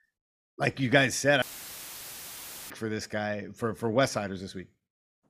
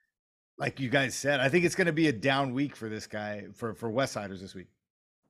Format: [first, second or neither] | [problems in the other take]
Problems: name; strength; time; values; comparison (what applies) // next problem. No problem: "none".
second | audio cutting out; filled with static; at 1.5 s for 1.5 s